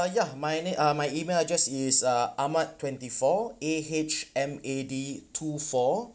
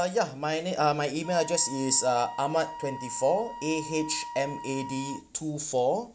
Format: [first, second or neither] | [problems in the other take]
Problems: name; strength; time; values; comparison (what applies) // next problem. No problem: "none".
first | background sound (Wind instrument, woodwind instrument); 13 dB below the speech